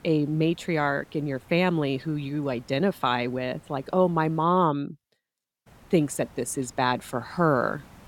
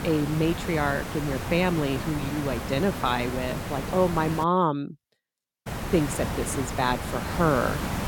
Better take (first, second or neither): first